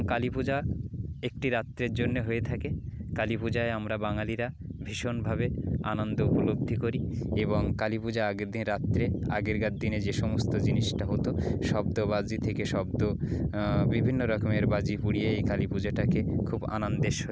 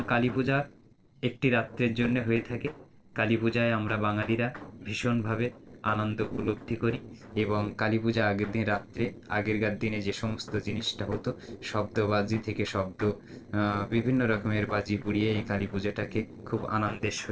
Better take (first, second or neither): first